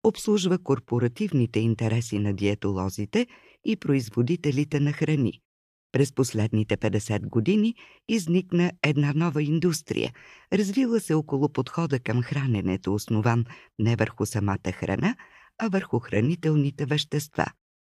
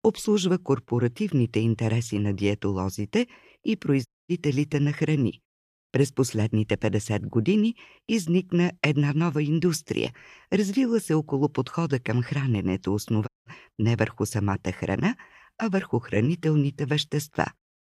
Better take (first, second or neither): first